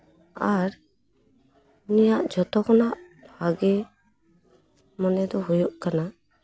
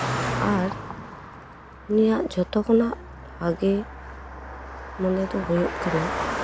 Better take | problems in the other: first | background sound (Car passing by); 6 dB below the speech

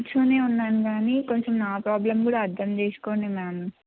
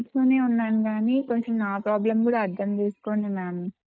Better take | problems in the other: first | noise reduction (neural mask model DeepFilterNet 3)

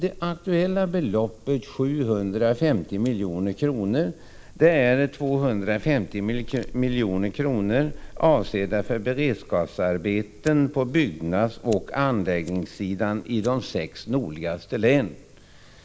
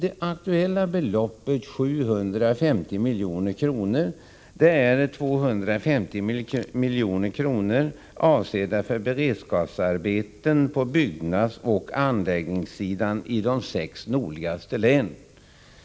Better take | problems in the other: second | background sound (Fire); 17 dB below the speech

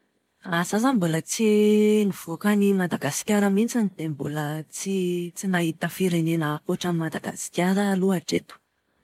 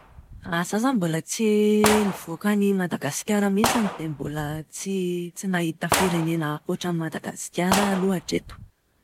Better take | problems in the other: first | background sound (Gunshot, gunfire); 7 dB below the speech

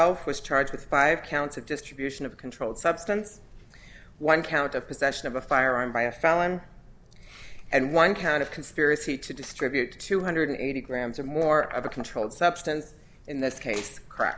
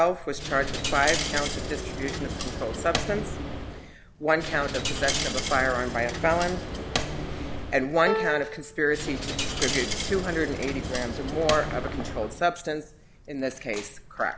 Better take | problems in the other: first | background sound (Coin (dropping) + Piano); 3 dB below the speech

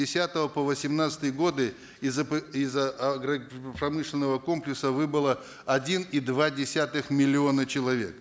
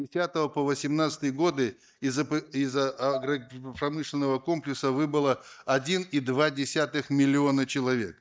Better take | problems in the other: first | noise reduction (neural mask model DeepFilterNet 3)

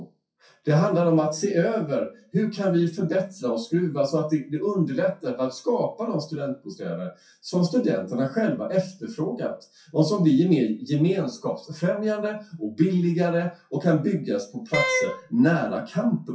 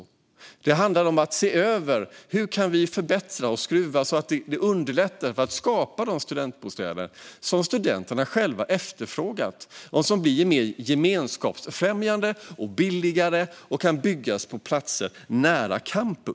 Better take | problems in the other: second | noise reduction (classical method WPE with log-MMSE)

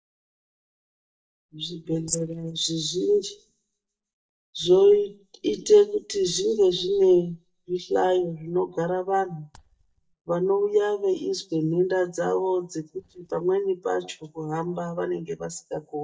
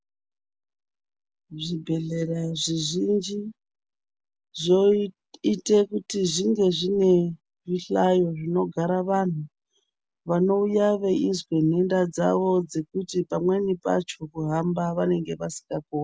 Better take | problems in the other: second | noise reduction (neural mask model DeepFilterNet 3)

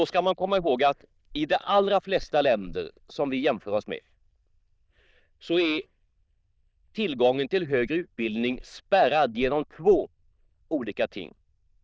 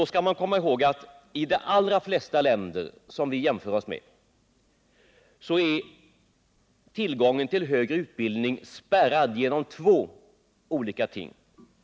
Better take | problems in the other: second | noise reduction (neural diffusion model UNIVERSE++)

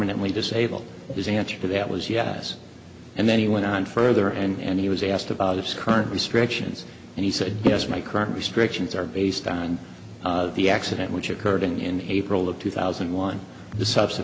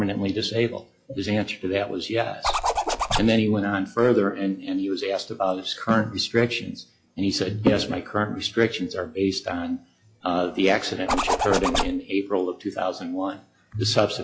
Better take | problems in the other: first | noise reduction (classical method log-MMSE)

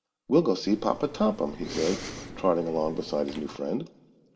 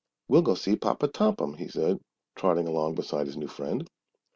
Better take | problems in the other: second | background sound (Respiratory sounds); 13 dB below the speech // room echo; dies away in 1 s

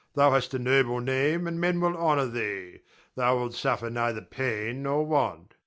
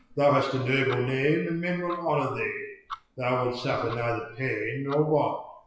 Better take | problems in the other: first | noise reduction (classical method WPE with log-MMSE)

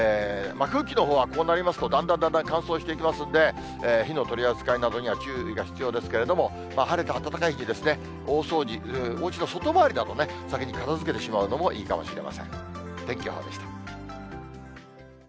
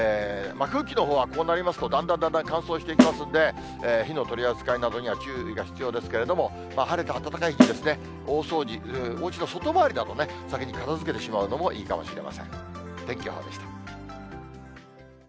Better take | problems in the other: first | background sound (Snare drum); 2 dB above the speech

